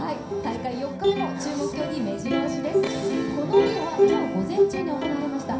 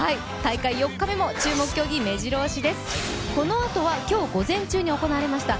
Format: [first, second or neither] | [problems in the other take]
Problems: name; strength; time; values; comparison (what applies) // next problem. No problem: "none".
second | background sound (Plucked string instrument); 4 dB above the speech // room echo; dies away in 0.6 s